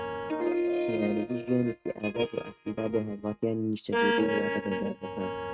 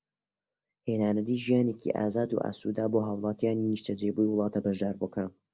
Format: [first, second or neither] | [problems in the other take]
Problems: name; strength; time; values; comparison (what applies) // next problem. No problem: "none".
second | noise reduction (neural mask model RNNoise)